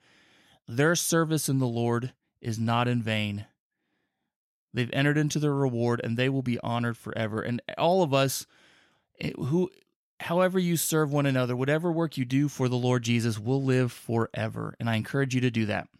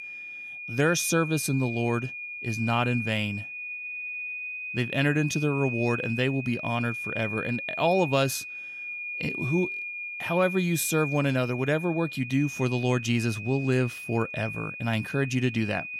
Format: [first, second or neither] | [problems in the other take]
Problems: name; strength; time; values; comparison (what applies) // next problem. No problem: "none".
first | high-pitched whine; loud; throughout; 2.5 kHz, 6 dB below the speech